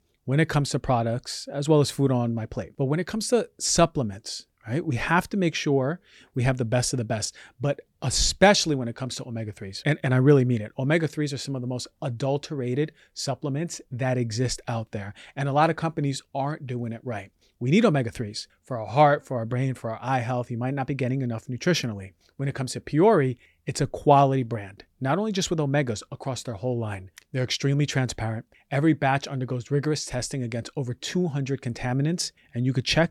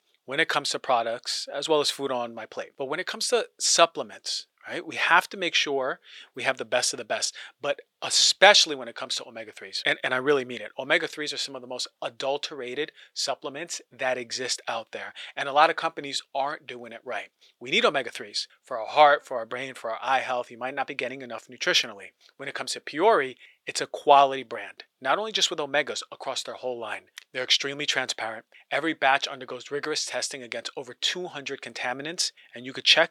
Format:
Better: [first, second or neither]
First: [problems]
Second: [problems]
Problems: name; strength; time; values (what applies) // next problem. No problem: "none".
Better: first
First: none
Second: thin; very; fading below 600 Hz